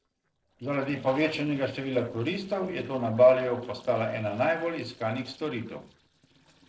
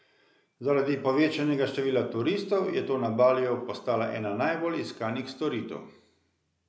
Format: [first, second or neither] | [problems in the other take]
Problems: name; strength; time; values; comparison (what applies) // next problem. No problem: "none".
second | noise reduction (neural separator model SepFormer DNS4)